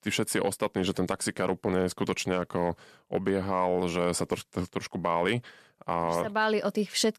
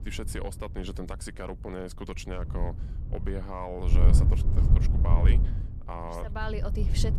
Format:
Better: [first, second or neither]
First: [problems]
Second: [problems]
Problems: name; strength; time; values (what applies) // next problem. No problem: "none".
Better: first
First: none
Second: wind noise on the microphone; heavy; 5 dB below the speech